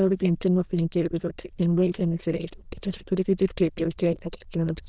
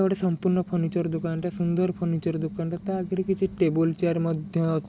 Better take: second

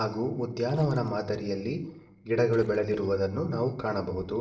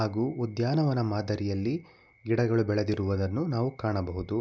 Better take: second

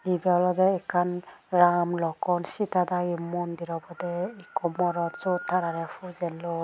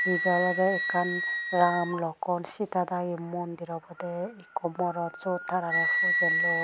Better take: first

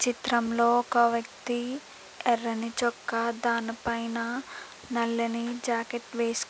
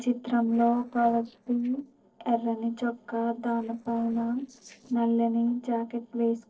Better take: first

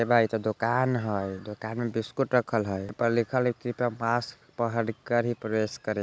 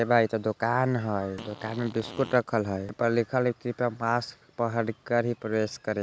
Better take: first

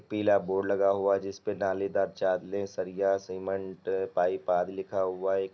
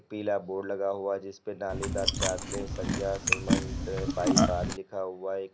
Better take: first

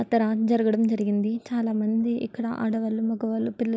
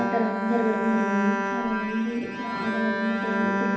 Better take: first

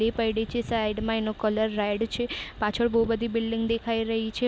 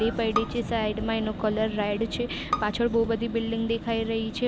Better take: first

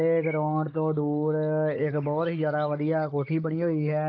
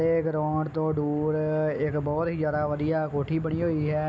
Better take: second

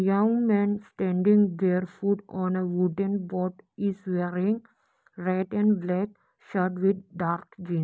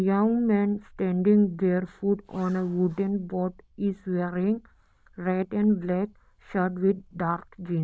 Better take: first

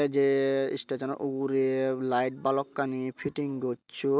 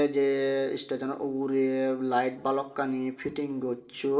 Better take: first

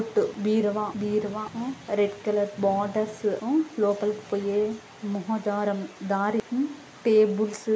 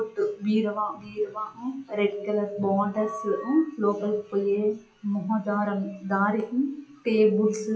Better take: first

